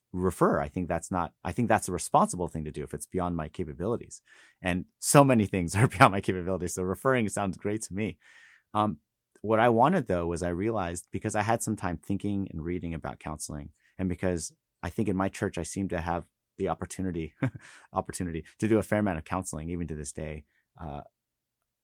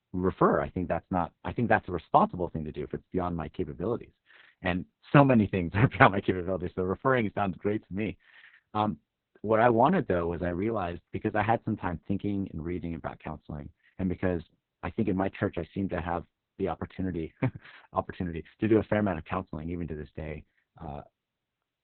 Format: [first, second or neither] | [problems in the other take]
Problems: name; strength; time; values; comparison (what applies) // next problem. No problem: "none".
first | garbled, watery; badly; nothing above 4 kHz